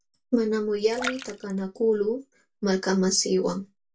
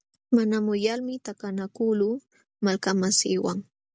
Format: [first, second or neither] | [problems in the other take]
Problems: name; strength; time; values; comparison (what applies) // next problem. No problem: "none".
second | background sound (Splash, splatter); 14 dB below the speech // room echo; dies away in 0.2 s